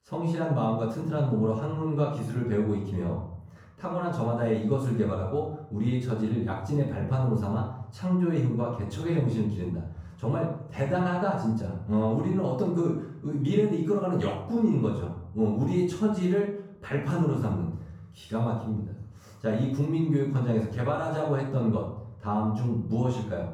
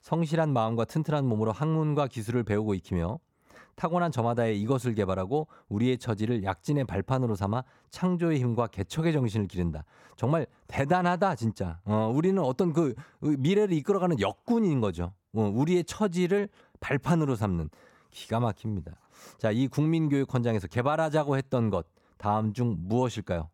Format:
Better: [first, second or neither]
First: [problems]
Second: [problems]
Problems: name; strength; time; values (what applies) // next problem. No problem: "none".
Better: second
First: off-mic speech; far // room echo; noticeable; dies away in 0.7 s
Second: none